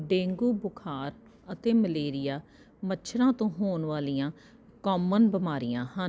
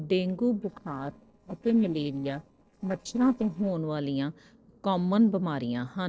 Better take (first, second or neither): first